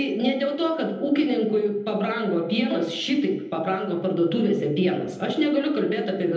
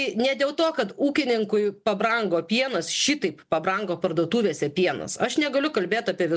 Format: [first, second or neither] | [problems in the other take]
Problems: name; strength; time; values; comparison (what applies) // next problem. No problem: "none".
second | background sound (Bowed string instrument); 16 dB below the speech // room echo; dies away in 0.8 s